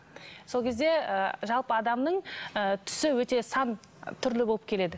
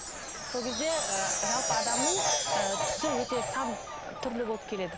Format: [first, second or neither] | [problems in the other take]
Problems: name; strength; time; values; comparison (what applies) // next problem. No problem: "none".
first | background sound (Chime + Fowl); 3 dB above the speech